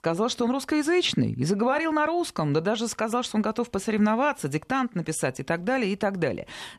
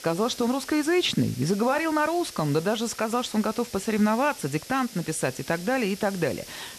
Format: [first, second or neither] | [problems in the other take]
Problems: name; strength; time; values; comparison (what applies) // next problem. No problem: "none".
first | hiss; noticeable; throughout; 15 dB below the speech